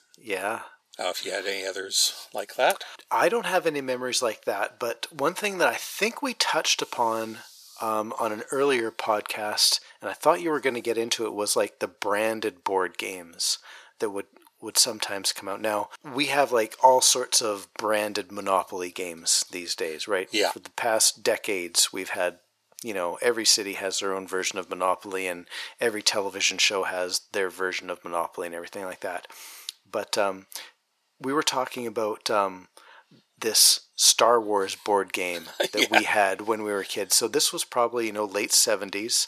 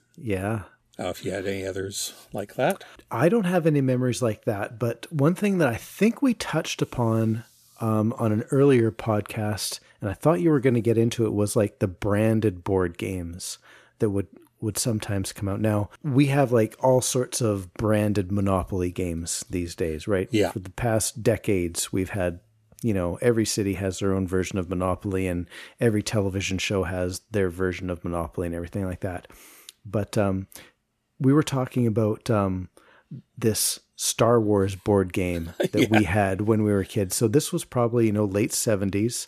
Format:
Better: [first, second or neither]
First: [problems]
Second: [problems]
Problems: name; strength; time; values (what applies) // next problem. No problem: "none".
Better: second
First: thin; very; fading below 650 Hz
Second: none